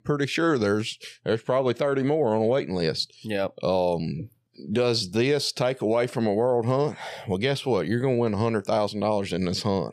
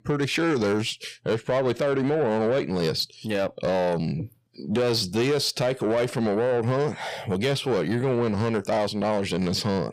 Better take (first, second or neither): first